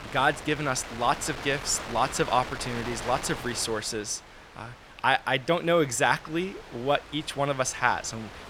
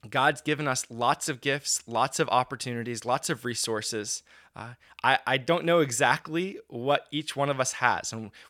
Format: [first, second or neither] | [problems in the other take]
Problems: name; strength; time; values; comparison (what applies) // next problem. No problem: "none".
second | wind noise on the microphone; occasional gusts; 15 dB below the speech